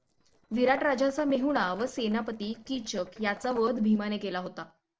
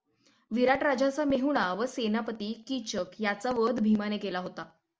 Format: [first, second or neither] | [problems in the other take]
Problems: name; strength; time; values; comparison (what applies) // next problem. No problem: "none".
second | noise reduction (neural separator model SepFormer DNS4)